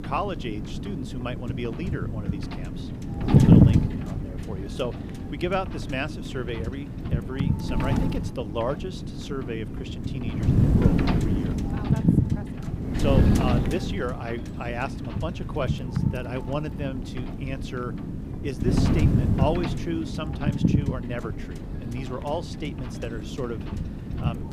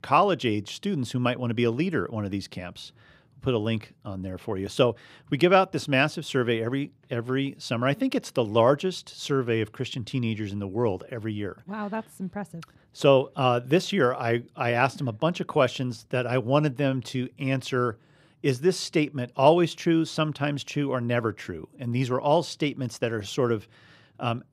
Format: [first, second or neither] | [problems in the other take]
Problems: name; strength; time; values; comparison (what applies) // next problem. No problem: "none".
second | wind noise on the microphone; heavy; 1 dB below the speech